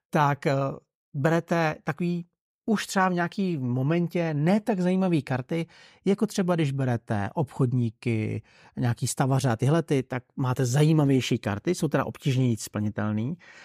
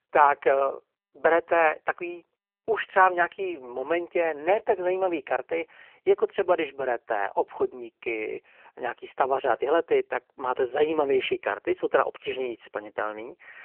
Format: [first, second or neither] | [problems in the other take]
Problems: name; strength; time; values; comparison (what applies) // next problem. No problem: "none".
first | phone-call audio; poor line; nothing above 3 kHz